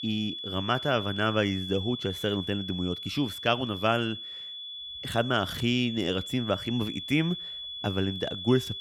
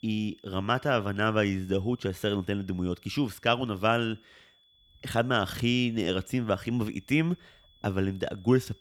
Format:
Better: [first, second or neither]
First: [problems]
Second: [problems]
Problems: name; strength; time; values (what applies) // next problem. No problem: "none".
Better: second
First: high-pitched whine; loud; throughout; 3.5 kHz, 7 dB below the speech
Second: high-pitched whine; faint; throughout; 3.5 kHz, 30 dB below the speech